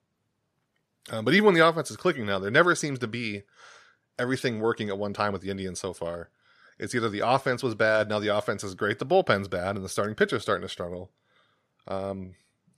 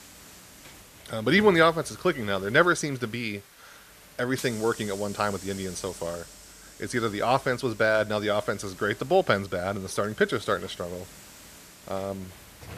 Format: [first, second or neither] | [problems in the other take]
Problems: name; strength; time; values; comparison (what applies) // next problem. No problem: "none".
first | hiss; noticeable; throughout; 20 dB below the speech